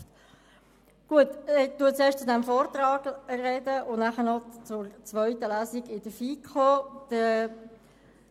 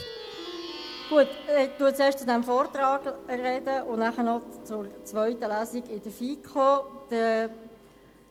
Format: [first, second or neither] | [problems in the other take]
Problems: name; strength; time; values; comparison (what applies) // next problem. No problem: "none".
first | background sound (Plucked string instrument); 17 dB below the speech